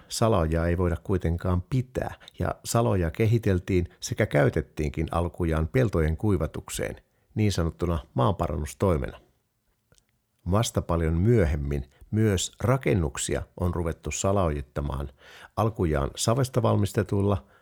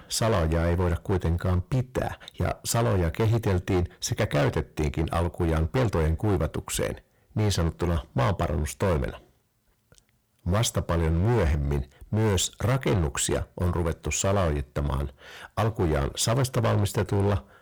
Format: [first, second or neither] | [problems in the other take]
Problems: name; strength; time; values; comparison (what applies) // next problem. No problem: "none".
first | distortion; heavy; 16% of the sound clipped